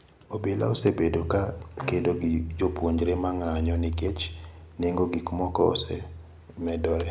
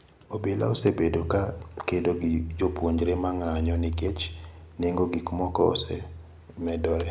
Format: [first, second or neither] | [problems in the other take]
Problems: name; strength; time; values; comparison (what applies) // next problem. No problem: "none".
second | background sound (Bowed string instrument); 18 dB below the speech